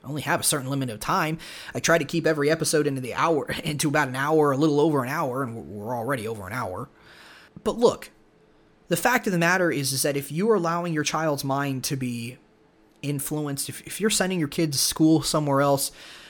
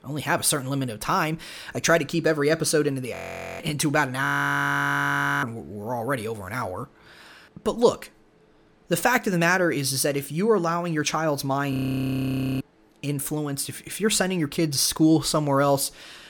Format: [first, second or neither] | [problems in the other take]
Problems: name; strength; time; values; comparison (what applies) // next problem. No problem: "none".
first | audio freezing; at 3 s, at 4.5 s for 1 s and at 12 s for 1 s